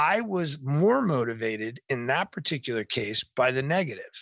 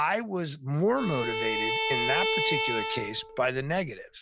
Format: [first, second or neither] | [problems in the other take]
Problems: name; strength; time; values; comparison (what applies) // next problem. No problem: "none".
first | background sound (Bowed string instrument); 1 dB below the speech